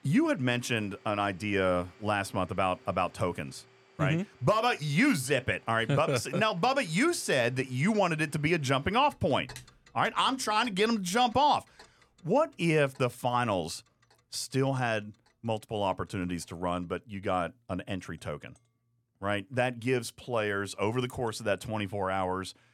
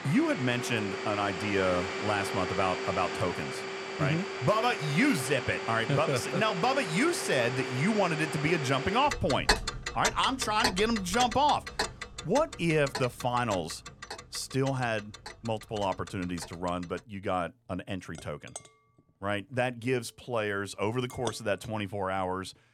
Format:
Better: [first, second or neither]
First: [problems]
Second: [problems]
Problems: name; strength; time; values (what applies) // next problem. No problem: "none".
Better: first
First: household noises; faint; throughout; 30 dB below the speech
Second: household noises; loud; throughout; 5 dB below the speech